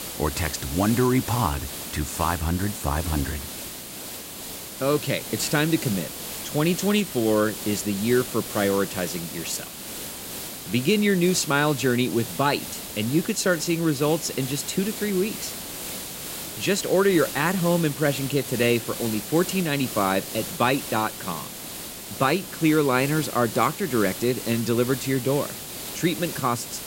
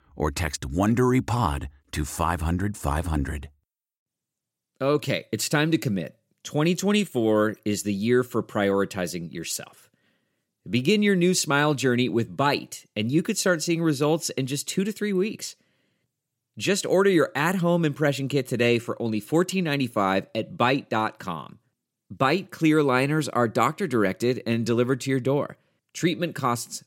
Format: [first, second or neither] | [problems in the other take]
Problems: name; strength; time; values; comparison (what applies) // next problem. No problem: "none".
second | hiss; loud; throughout; 8 dB below the speech